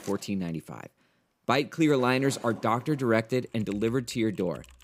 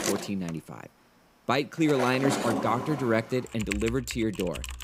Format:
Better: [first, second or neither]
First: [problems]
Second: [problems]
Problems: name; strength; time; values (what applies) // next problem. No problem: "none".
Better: first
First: household noises; faint; throughout; 20 dB below the speech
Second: household noises; loud; throughout; 6 dB below the speech